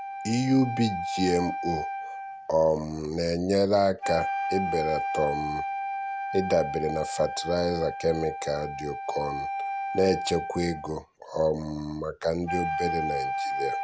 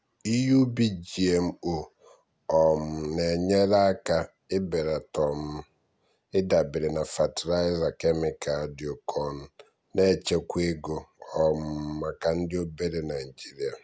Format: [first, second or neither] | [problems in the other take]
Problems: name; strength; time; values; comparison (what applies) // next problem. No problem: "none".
second | background sound (Wind instrument, woodwind instrument); 5 dB below the speech